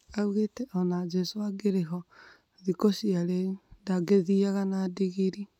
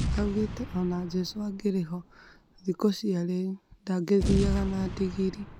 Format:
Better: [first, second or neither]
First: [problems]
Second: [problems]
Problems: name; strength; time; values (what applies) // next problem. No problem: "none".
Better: first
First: none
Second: background sound (Boom); 6 dB below the speech